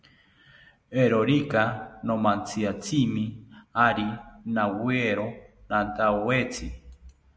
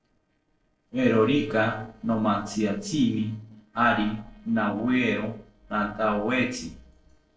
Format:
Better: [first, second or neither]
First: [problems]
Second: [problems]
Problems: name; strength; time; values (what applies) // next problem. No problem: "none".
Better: first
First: none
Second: noise reduction (neural separator model SepFormer DNS4)